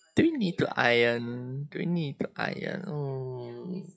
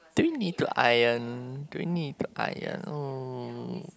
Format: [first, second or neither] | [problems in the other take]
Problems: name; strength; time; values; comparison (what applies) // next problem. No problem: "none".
second | noise reduction (classical method WPE with log-MMSE)